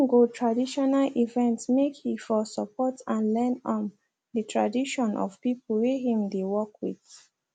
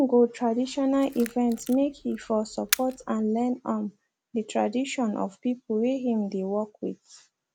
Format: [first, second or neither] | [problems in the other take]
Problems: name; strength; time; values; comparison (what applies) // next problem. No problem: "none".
first | background sound (Camera); 11 dB below the speech